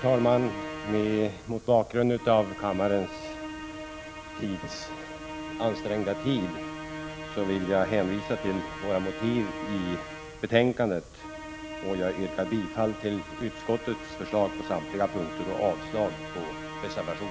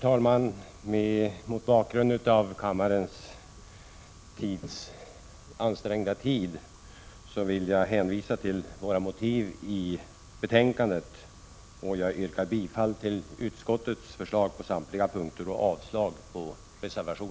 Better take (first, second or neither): second